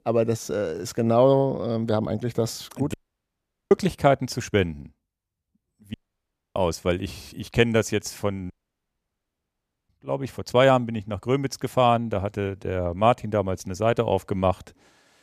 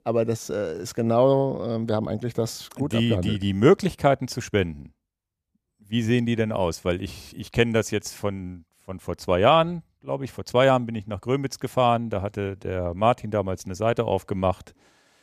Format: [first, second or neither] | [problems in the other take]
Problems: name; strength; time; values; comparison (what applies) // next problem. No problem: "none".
second | audio cutting out; at 3 s for 1 s, at 6 s for 0.5 s and at 8.5 s for 1.5 s